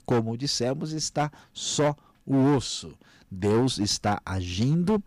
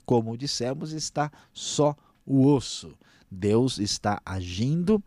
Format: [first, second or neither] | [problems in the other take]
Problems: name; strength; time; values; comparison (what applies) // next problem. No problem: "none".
second | distortion; slight; 7% of the sound clipped